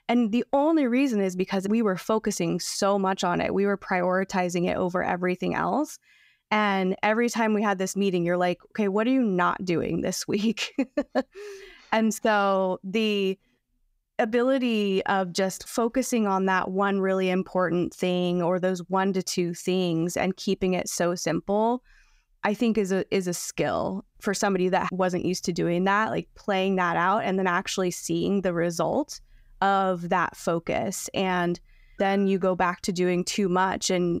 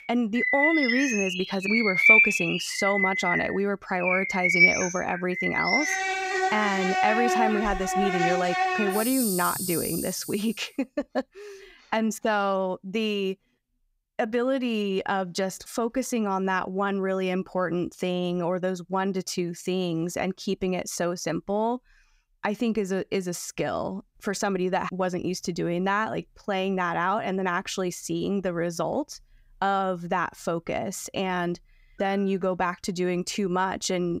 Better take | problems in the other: first | animal sounds; very loud; until 10 s; 4 dB above the speech

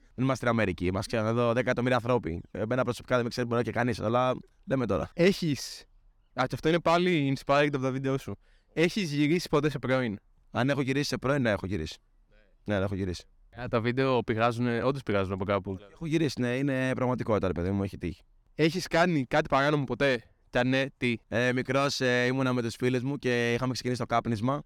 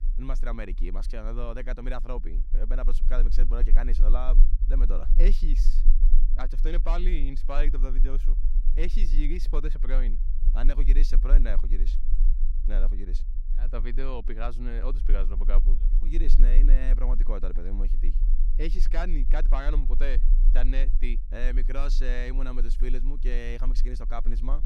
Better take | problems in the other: first | low rumble; noticeable; throughout; 15 dB below the speech

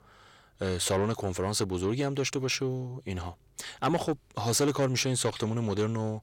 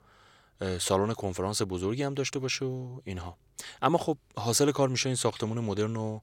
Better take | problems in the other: second | distortion; slight; 10 dB below the speech

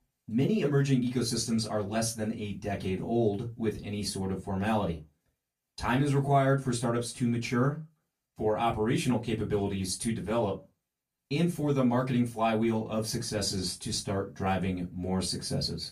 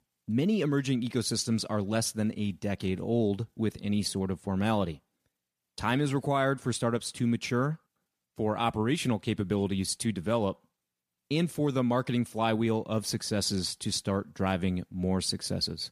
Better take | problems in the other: second | off-mic speech; far // room echo; very slight; dies away in 0.2 s

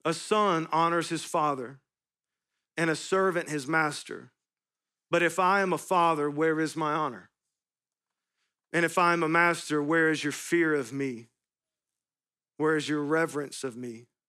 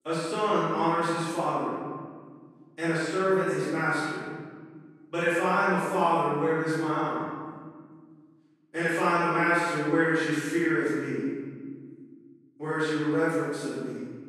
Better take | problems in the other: first | off-mic speech; far // room echo; strong; dies away in 1.8 s

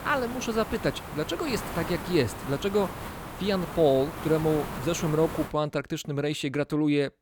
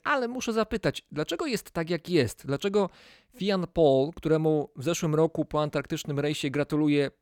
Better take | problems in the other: second | hiss; loud; until 5.5 s; 9 dB below the speech

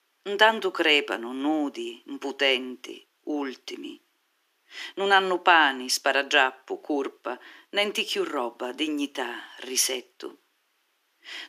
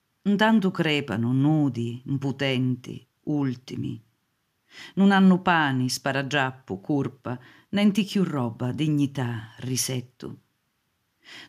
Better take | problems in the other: second | thin; very; fading below 350 Hz

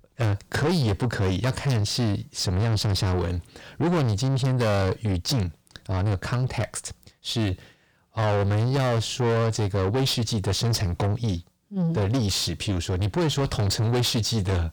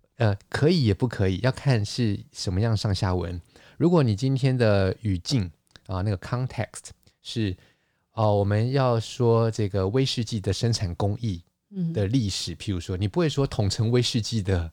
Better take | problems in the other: second | distortion; heavy; 7 dB below the speech

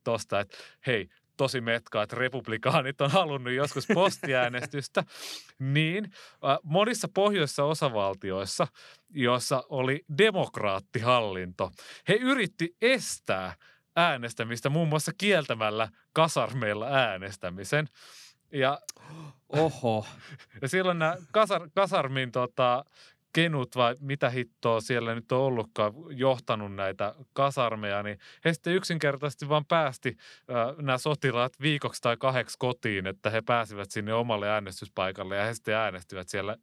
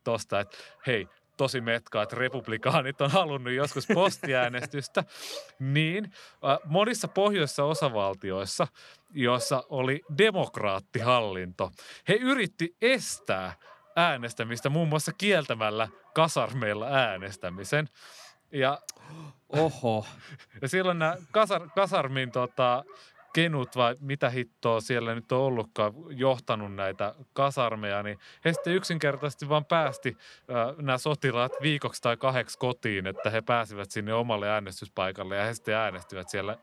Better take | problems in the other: first | animal sounds; faint; throughout; 20 dB below the speech

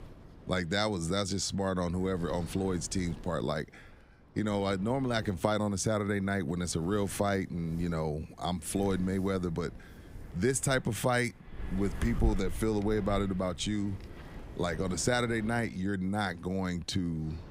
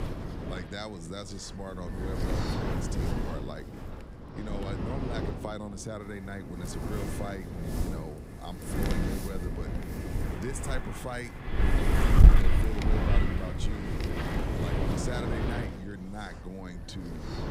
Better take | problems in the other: first | wind noise on the microphone; heavy; 3 dB above the speech; occasional gusts in the first

